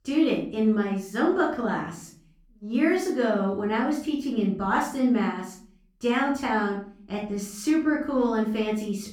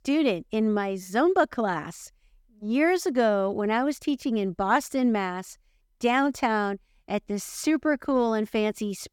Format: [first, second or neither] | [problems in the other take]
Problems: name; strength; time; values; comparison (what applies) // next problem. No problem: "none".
second | off-mic speech; far // room echo; slight; dies away in 0.4 s